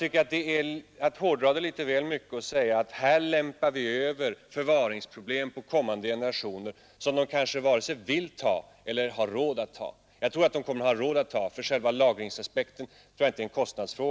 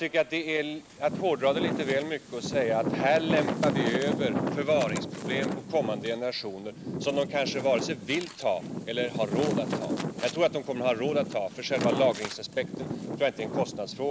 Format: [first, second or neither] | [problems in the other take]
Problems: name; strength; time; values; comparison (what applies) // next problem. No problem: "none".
first | background sound (Wind); 4 dB below the speech